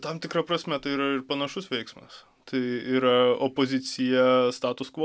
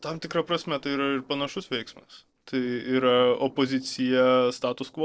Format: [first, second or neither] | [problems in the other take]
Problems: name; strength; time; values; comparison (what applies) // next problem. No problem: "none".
first | noise reduction (neural separator model SepFormer DNS4)